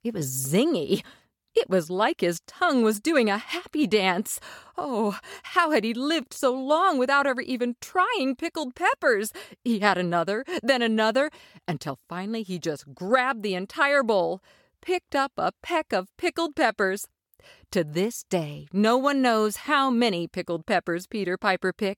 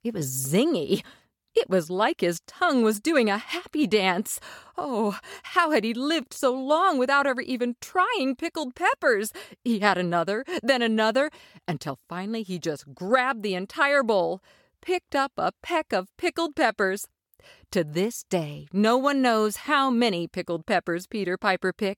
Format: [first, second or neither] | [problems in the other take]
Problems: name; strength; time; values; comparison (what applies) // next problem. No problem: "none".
neither | none